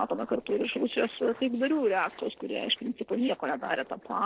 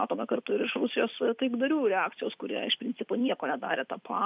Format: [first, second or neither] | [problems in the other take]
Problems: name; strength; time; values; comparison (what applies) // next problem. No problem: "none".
second | noise reduction (neural separator model SepFormer DNS4)